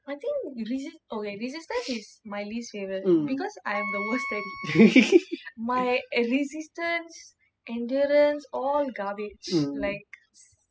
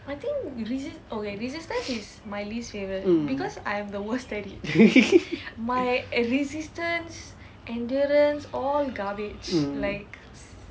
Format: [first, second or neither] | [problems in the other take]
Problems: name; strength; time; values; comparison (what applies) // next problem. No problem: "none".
second | noise reduction (classical method spectral subtraction)